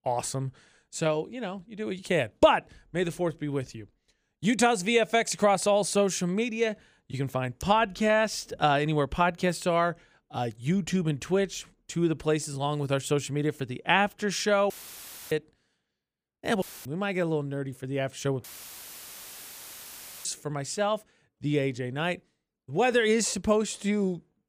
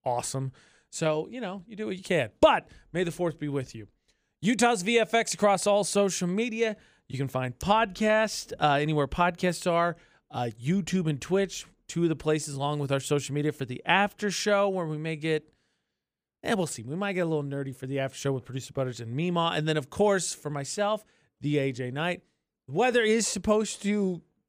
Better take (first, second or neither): second